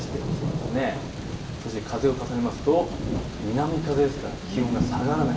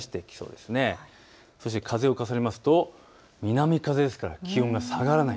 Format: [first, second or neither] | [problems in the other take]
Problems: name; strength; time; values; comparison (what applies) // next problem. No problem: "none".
second | background sound (Thunder); 4 dB below the speech // room echo; dies away in 0.8 s